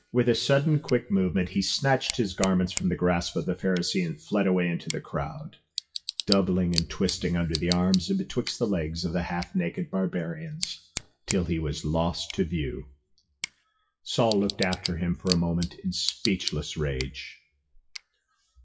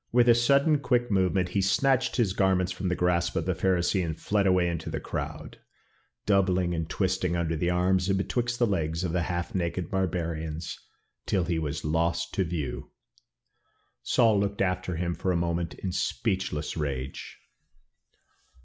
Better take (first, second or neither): second